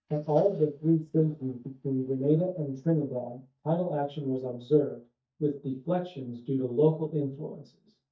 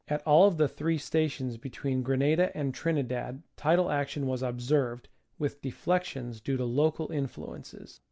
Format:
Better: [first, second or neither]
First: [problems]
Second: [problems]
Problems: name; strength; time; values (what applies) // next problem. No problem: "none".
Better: second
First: noise reduction (neural mask model DeepFilterNet 3)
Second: none